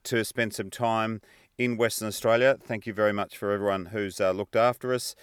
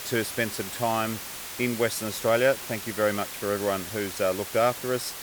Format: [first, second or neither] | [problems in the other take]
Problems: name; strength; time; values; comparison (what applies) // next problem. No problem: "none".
first | hiss; loud; throughout; 8 dB below the speech